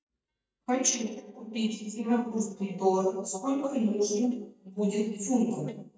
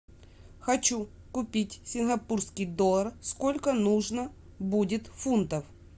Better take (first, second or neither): second